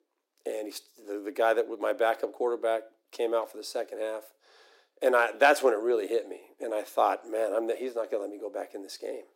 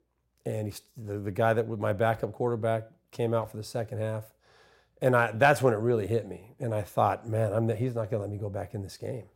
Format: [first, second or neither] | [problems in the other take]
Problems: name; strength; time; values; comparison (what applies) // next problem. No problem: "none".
second | thin; very; fading below 300 Hz